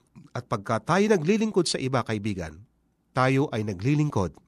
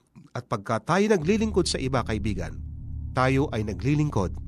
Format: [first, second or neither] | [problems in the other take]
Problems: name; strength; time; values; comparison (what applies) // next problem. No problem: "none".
first | low rumble; faint; from 1 s on; 25 dB below the speech